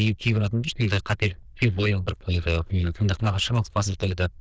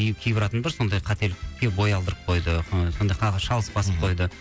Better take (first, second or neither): second